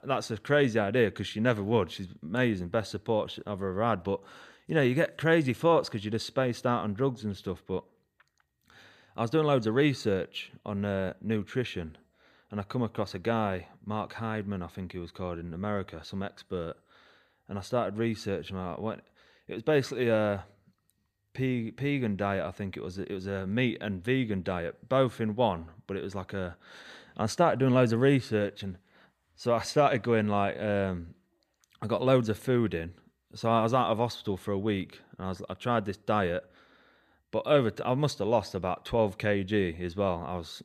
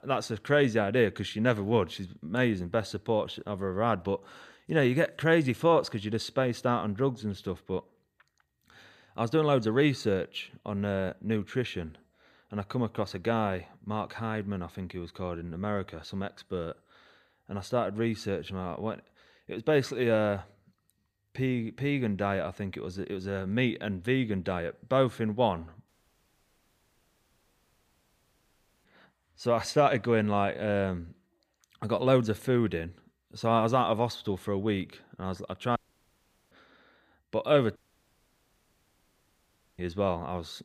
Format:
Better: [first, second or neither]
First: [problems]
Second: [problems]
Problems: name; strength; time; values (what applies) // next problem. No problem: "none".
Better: first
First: none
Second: audio cutting out; at 26 s for 3 s, at 36 s for 1 s and at 38 s for 2 s